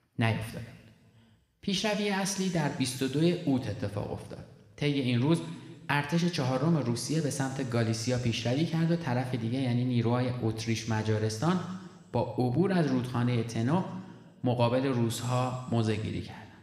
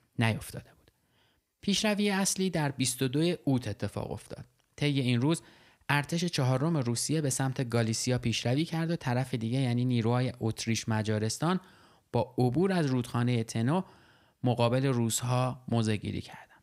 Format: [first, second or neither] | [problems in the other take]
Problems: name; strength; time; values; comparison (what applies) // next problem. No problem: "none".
second | room echo; slight; dies away in 1.5 s